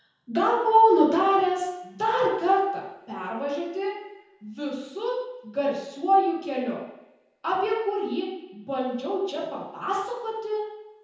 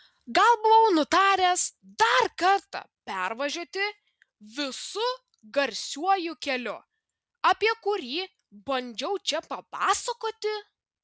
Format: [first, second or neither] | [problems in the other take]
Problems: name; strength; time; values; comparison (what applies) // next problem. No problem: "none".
second | room echo; dies away in 0.9 s